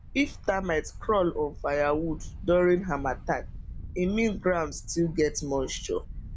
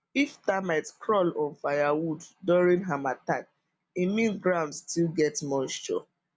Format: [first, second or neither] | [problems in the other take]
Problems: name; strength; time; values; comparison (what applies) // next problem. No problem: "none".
second | background sound (Wind); 11 dB below the speech